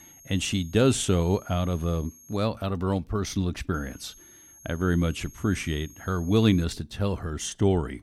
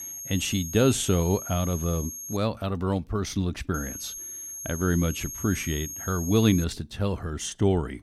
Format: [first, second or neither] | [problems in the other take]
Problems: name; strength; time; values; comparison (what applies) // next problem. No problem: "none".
first | high-pitched whine; loud; until 2.5 s and from 3.5 to 6.5 s; 6.5 kHz, 8 dB below the speech; faint in the first